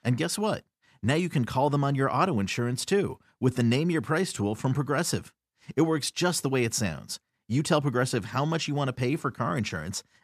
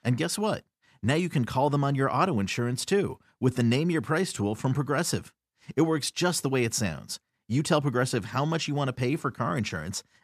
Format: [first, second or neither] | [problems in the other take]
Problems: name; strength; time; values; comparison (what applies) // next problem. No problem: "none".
neither | none